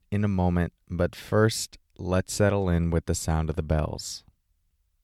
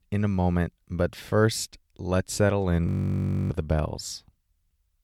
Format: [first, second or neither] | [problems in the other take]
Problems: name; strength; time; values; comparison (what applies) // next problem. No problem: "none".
first | audio freezing; at 3 s for 0.5 s